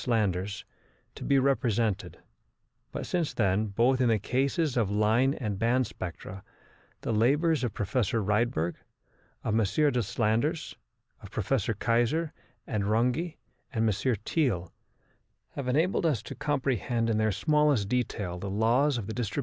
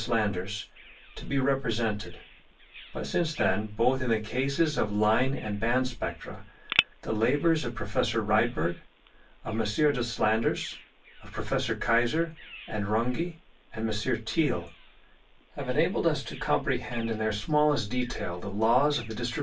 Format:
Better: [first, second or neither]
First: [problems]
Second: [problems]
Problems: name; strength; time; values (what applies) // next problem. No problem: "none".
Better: first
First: none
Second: background sound (Bird vocalization, bird call, bird song); 16 dB below the speech // room echo; dies away in 0.2 s